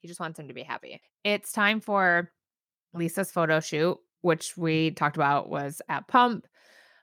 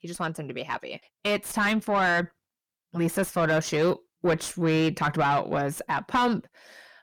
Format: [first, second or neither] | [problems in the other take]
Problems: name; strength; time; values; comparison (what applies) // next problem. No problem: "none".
first | distortion; heavy; 7 dB below the speech